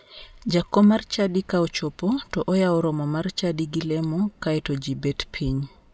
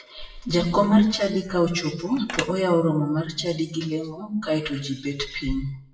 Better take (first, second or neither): first